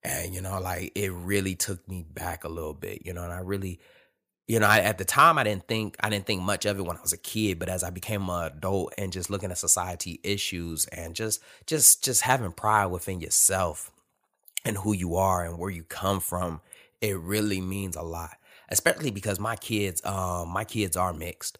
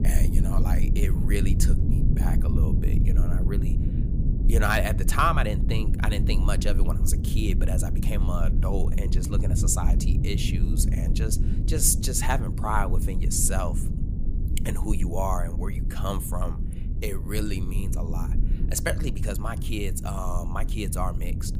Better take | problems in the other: first | low rumble; loud; throughout; 9 dB below the speech

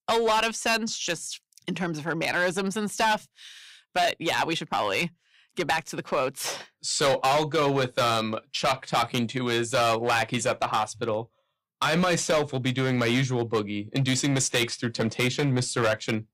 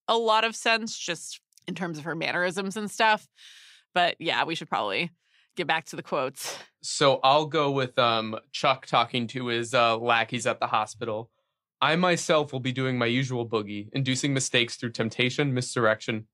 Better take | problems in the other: second | distortion; heavy; 8% of the sound clipped

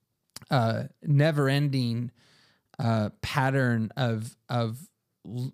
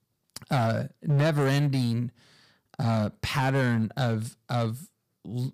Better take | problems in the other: first | distortion; slight; 7% of the sound clipped

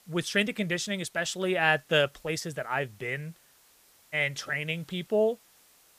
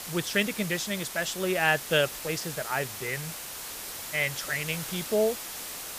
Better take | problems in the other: first | hiss; loud; throughout; 7 dB below the speech; faint in the first

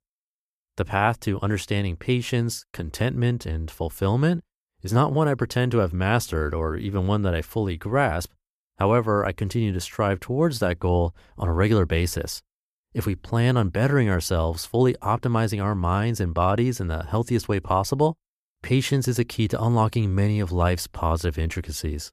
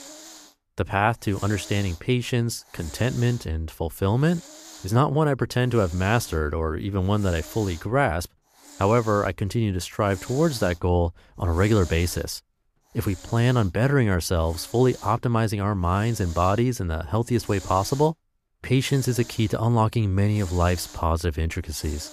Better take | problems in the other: first | hiss; noticeable; throughout; 20 dB below the speech

